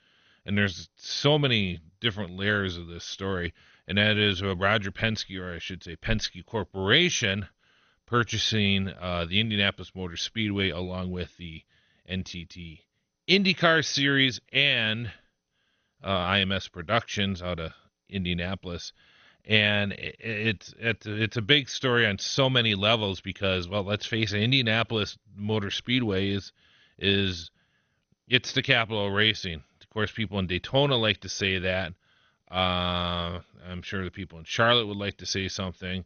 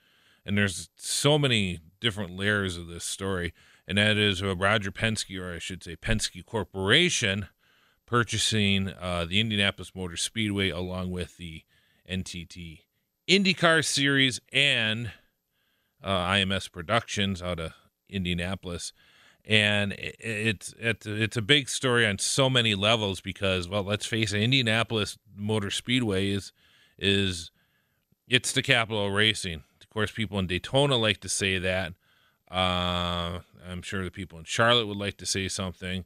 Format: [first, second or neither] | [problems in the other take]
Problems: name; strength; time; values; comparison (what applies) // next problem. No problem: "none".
second | garbled, watery; slightly; nothing above 6.5 kHz